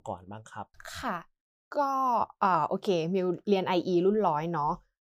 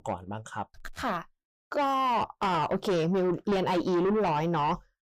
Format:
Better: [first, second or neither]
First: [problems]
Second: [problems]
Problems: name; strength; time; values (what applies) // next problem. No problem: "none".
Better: first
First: none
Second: distortion; heavy; 8 dB below the speech